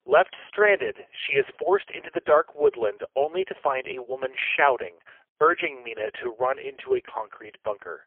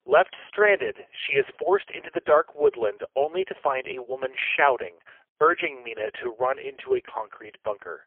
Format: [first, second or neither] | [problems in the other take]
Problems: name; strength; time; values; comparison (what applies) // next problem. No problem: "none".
neither | phone-call audio; poor line; nothing above 3 kHz; the same in both